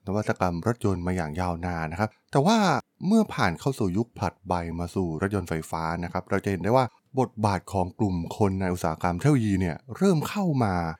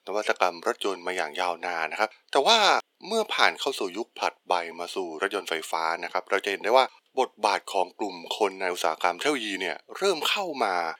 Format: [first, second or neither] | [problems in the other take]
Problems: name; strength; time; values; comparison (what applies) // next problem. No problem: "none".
first | thin; very; fading below 400 Hz